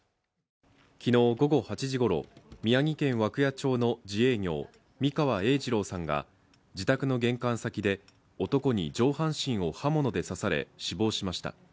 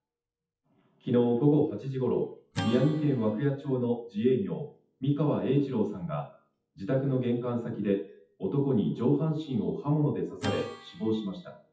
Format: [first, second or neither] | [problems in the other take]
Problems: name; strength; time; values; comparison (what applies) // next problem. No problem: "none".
first | noise reduction (classical method WPE with log-MMSE)